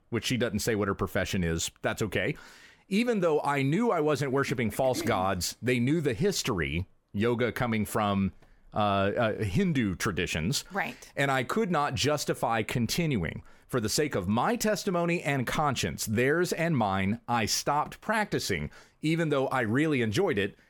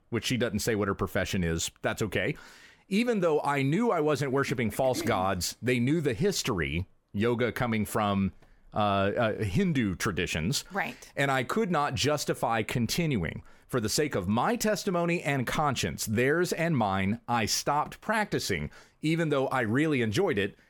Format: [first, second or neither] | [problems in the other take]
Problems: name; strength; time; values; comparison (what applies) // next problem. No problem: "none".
neither | none